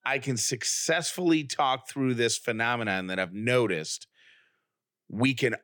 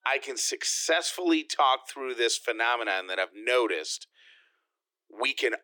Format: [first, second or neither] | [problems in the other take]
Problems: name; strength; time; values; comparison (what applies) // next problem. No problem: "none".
first | thin; very; fading below 300 Hz